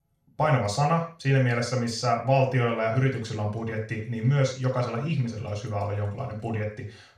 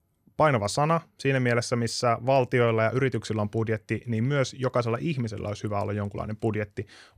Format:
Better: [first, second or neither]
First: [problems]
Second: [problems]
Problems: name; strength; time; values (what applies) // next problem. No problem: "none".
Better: second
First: room echo; noticeable; dies away in 0.4 s // off-mic speech; far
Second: none